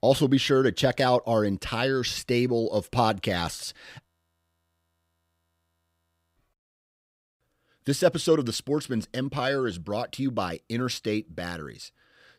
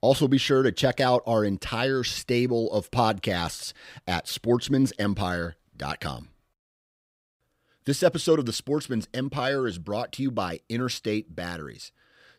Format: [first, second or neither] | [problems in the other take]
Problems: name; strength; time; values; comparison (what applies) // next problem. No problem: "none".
second | audio freezing; at 4 s for 2.5 s